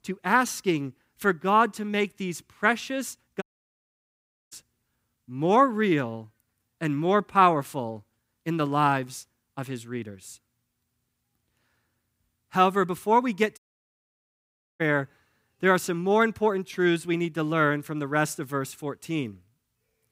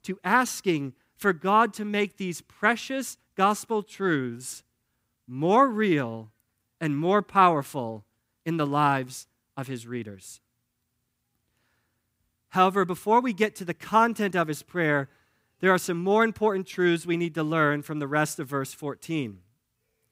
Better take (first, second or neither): second